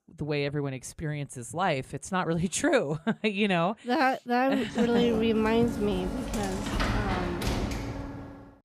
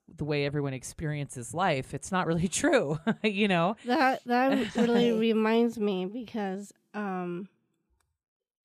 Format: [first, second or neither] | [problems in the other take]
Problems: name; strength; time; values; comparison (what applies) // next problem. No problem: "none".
second | door banging; noticeable; from 4.5 s on; peak 1 dB below the speech